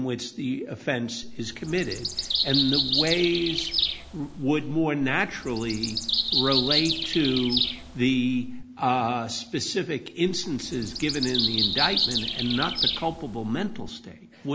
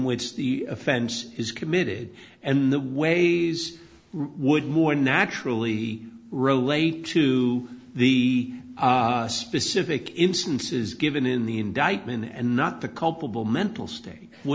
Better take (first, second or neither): second